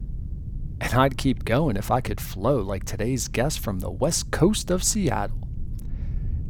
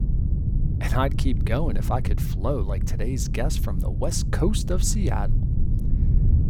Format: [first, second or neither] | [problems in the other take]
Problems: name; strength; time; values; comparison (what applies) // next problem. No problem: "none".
first | low rumble; loud; throughout; 9 dB below the speech; faint in the first